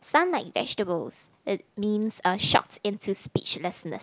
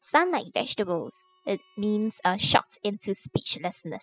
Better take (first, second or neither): first